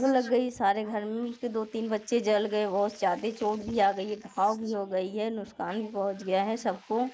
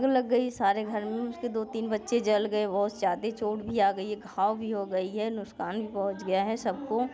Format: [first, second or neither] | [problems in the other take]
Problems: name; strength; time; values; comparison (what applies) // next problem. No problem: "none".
second | noise reduction (neural mask model Resemble Enhance denoiser)